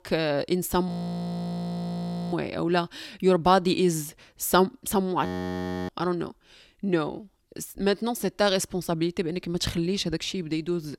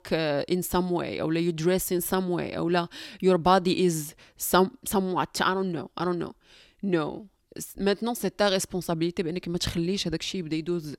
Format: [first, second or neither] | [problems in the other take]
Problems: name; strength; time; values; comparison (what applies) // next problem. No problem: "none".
second | audio freezing; at 1 s for 1.5 s and at 5.5 s for 0.5 s